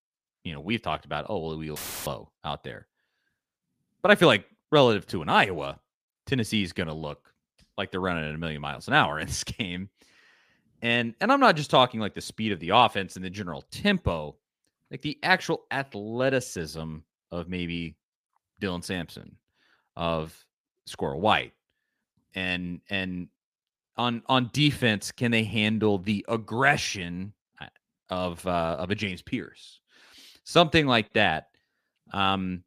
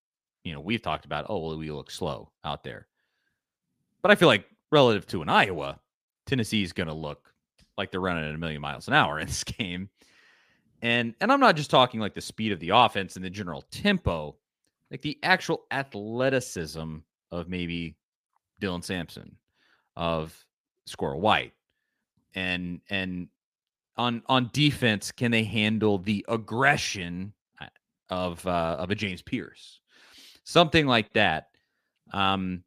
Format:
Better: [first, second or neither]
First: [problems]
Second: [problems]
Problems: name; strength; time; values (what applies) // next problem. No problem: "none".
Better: second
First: audio cutting out; filled with static; at 2 s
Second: none